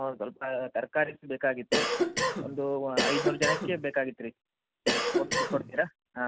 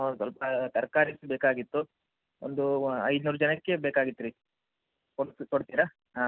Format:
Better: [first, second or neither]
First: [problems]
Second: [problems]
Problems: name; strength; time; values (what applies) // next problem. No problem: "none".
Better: second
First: background sound (Cough); 3 dB above the speech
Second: none